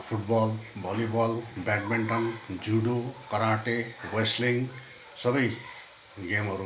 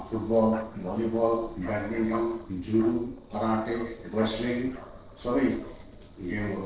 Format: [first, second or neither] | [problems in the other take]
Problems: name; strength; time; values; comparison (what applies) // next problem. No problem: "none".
first | noise reduction (neural separator model SepFormer DNS4)